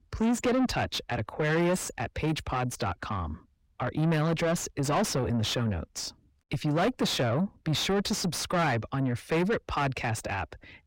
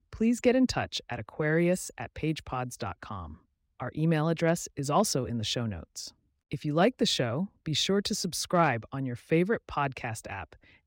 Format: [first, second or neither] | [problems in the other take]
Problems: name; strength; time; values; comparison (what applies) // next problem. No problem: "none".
second | distortion; heavy; 6 dB below the speech